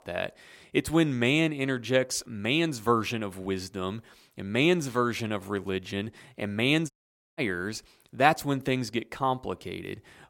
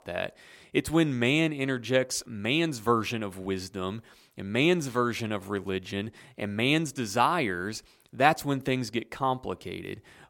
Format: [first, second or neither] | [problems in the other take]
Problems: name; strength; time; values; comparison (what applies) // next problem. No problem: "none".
second | audio cutting out; at 7 s